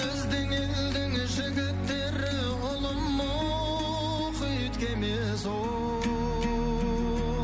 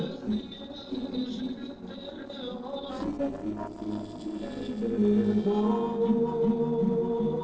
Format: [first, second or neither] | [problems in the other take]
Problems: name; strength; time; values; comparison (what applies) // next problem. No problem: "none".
first | noise reduction (neural separator model SepFormer DNS4)